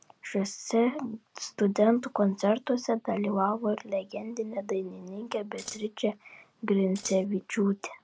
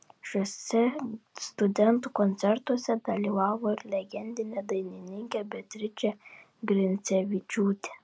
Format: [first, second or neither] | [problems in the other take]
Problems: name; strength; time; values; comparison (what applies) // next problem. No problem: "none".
second | background sound (Scissors); 13 dB below the speech